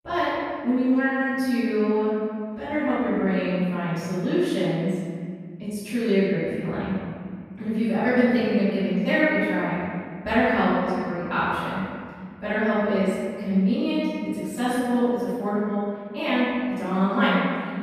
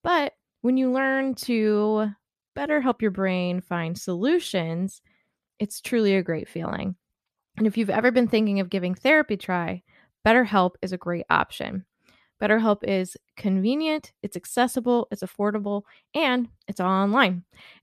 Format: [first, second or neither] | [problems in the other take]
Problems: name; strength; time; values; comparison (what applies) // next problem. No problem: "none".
second | room echo; strong; dies away in 2.1 s // off-mic speech; far